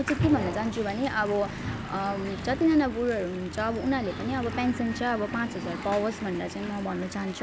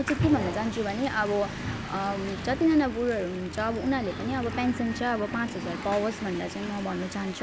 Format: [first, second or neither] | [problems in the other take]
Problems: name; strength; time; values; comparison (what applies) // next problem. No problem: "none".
first | background sound (Domestic sounds, home sounds); 20 dB below the speech